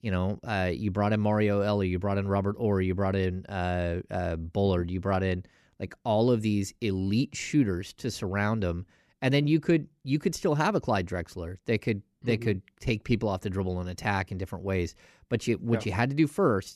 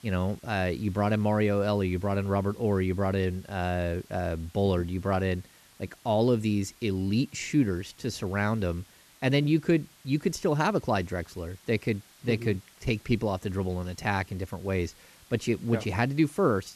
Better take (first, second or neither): first